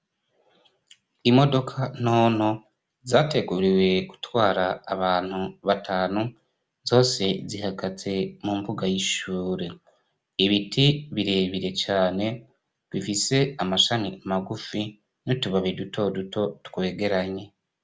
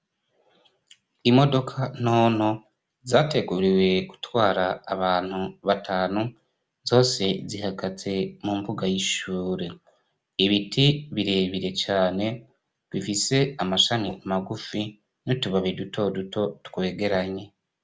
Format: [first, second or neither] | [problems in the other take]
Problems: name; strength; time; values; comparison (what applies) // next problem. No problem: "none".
first | background sound (Whoosh, swoosh, swish); 17 dB below the speech